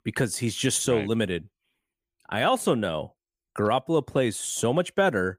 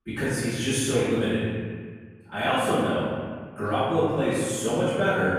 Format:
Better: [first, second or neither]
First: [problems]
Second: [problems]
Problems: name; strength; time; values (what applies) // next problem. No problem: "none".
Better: first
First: none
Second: off-mic speech; far // room echo; strong; dies away in 1.7 s